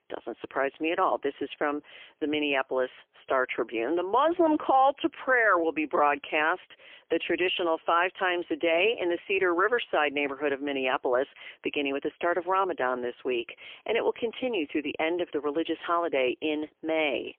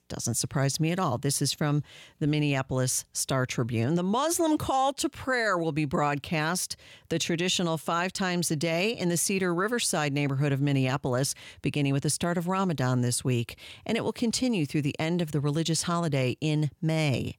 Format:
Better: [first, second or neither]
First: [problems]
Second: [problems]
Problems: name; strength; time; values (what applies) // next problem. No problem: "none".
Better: second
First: phone-call audio; poor line; nothing above 3 kHz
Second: none